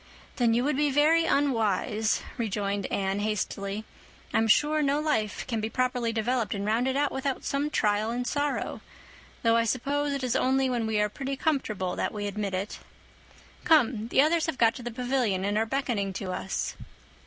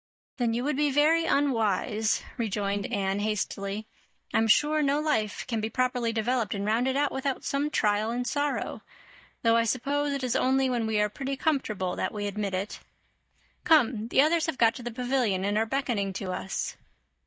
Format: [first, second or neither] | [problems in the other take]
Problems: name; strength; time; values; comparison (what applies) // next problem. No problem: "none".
first | noise reduction (neural mask model DeepFilterNet 3)